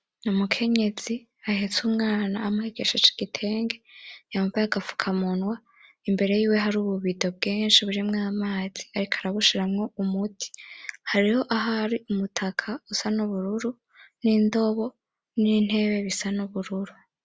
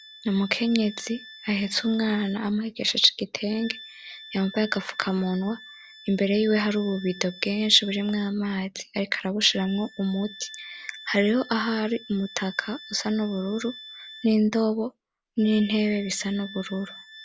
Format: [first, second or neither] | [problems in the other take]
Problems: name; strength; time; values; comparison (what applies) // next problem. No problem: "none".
first | background sound (Wind instrument, woodwind instrument); 19 dB below the speech